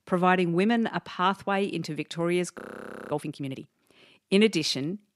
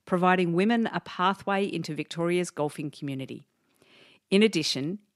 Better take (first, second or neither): second